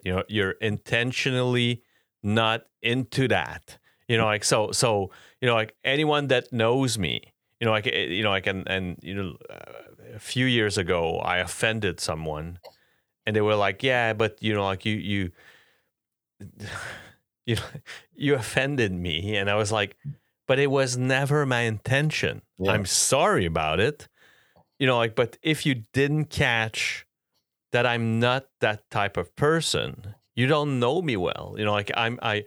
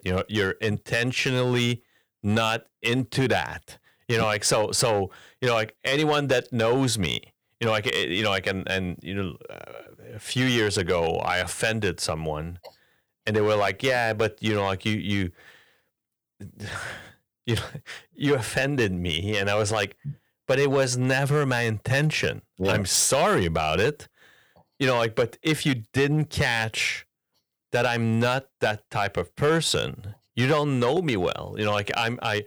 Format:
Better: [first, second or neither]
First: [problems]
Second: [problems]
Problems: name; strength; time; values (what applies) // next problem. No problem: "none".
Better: first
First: none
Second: distortion; slight; 4% of the sound clipped